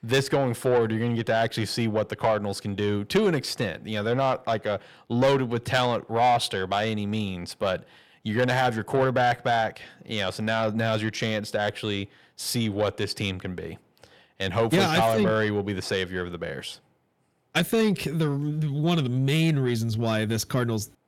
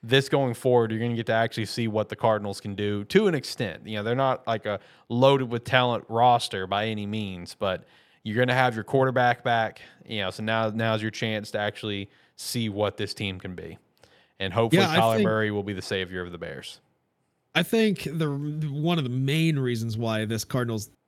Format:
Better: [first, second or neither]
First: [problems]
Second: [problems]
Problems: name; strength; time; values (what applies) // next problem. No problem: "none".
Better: second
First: distortion; slight; 10 dB below the speech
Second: none